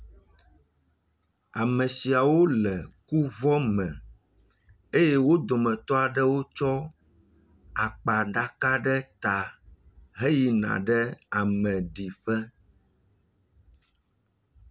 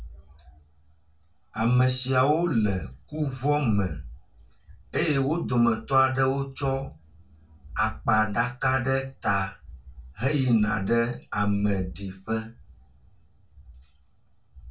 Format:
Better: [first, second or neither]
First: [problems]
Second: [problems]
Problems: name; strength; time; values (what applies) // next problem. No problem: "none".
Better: first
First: none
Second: room echo; dies away in 0.2 s